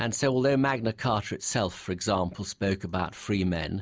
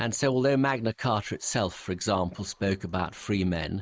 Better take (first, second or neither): first